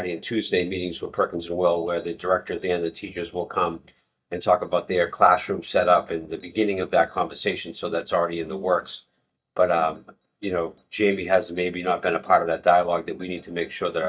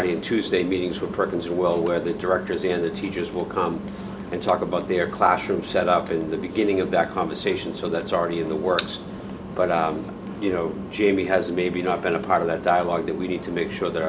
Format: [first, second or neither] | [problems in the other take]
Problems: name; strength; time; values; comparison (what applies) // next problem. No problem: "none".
second | noise reduction (neural mask model DeepFilterNet 3)